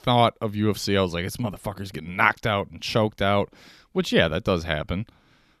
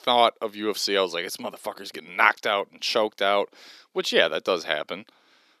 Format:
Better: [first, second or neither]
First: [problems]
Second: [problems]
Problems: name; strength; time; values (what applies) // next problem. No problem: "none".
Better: first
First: none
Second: thin; somewhat; fading below 350 Hz